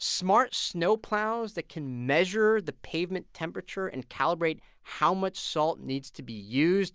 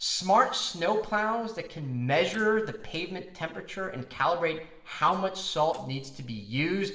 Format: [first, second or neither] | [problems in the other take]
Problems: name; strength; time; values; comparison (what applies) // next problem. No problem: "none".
first | noise reduction (neural separator model SepFormer DNS4)